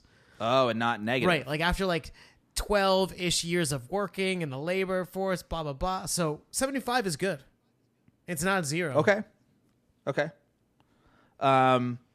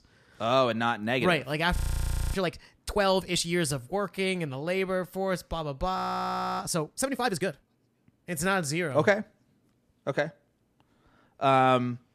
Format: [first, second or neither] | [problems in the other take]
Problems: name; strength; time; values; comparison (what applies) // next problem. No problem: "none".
first | audio freezing; at 2 s for 0.5 s and at 6 s for 0.5 s